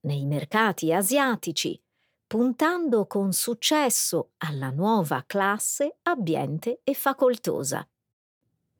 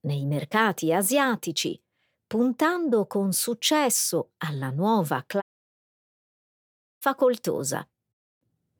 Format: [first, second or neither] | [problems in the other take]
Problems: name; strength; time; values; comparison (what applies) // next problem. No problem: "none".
first | audio cutting out; at 5.5 s for 1.5 s